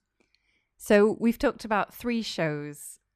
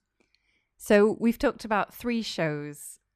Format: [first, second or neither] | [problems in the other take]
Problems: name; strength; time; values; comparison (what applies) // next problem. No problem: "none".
neither | none